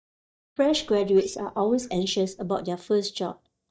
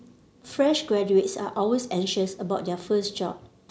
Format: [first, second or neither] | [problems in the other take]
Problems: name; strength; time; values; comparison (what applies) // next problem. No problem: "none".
second | noise reduction (neural mask model DeepFilterNet 3)